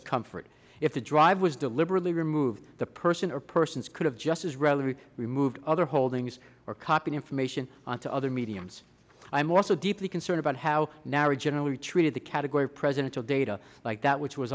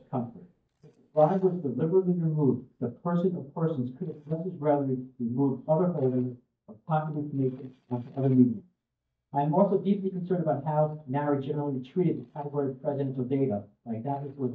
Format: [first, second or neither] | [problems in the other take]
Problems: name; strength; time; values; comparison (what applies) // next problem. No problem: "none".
first | noise reduction (neural mask model DeepFilterNet 3)